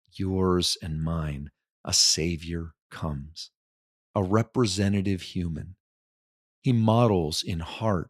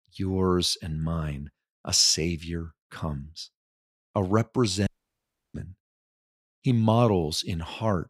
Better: first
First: none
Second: audio cutting out; at 5 s for 0.5 s

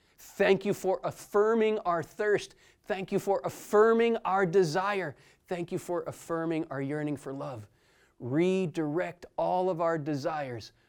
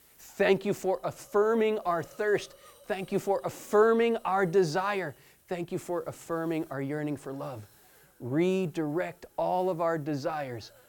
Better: first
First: none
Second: hiss; faint; throughout; 25 dB below the speech

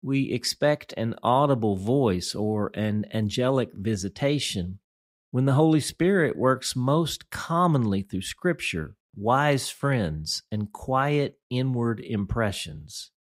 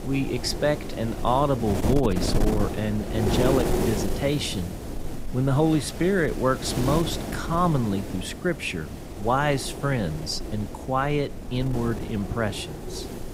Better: first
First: none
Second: wind noise on the microphone; heavy; 7 dB below the speech

